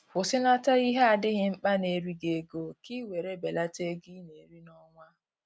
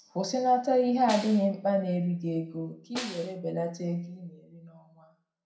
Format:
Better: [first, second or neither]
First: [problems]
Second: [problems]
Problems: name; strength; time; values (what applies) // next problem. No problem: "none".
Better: first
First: none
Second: background sound (Snare drum); 15 dB below the speech // room echo; dies away in 0.5 s